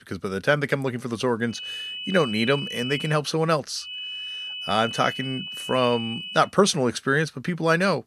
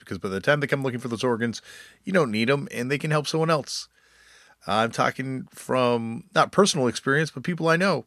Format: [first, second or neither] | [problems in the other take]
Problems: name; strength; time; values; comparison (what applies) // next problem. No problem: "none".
second | high-pitched whine; loud; from 1.5 to 3 s and from 4 to 6.5 s; 3 kHz, 8 dB below the speech